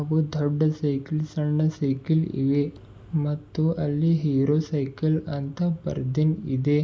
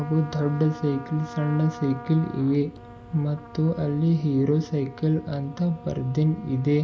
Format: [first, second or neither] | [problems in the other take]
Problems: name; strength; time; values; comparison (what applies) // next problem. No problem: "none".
first | background sound (Trumpet); 17 dB below the speech